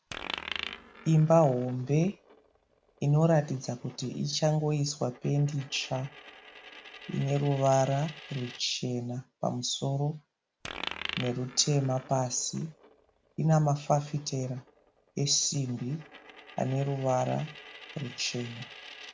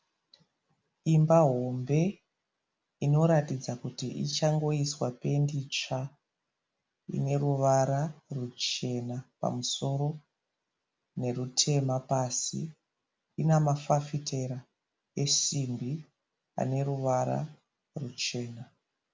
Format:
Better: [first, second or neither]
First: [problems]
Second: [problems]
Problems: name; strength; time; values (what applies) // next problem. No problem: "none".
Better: second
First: background sound (Coin (dropping)); 16 dB below the speech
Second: none